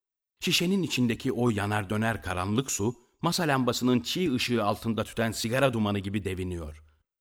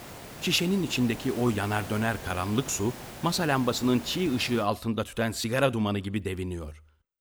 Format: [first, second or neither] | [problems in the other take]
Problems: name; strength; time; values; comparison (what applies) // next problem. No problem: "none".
first | hiss; noticeable; until 4.5 s; 15 dB below the speech